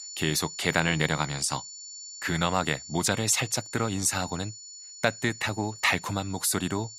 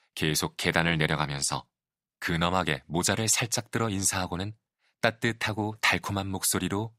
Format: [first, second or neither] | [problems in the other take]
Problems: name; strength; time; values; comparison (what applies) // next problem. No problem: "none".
second | high-pitched whine; noticeable; throughout; 7 kHz, 15 dB below the speech